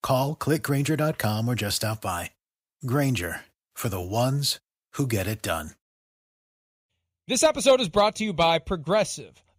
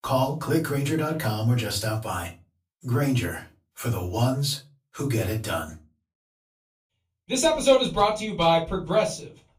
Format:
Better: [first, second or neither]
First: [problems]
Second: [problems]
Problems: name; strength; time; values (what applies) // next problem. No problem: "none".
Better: first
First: none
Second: off-mic speech; far // room echo; very slight; dies away in 0.2 s